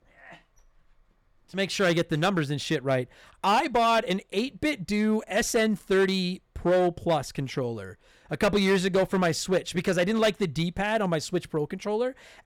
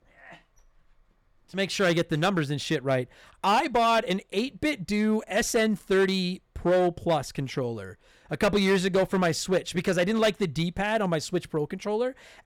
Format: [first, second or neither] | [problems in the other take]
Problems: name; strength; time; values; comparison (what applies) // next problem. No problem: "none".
neither | distortion; slight; 5% of the sound clipped; the same in both